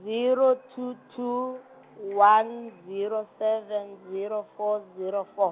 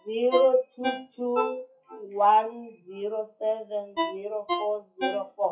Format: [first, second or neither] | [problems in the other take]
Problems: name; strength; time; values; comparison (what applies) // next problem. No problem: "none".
first | noise reduction (classical method WPE with log-MMSE)